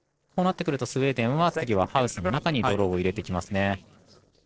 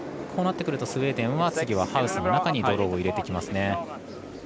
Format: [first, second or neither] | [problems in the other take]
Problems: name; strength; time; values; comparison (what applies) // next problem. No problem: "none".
second | noise reduction (neural separator model SepFormer DNS4)